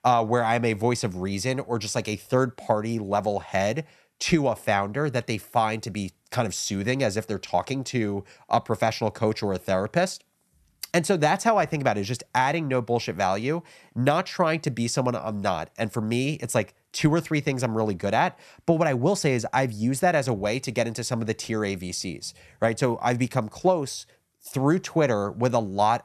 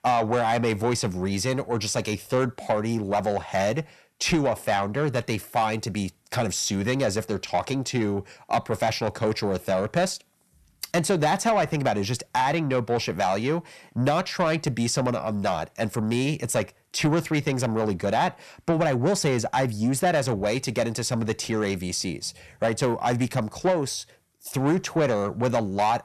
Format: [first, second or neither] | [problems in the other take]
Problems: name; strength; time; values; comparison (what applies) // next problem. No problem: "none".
first | distortion; slight; 10 dB below the speech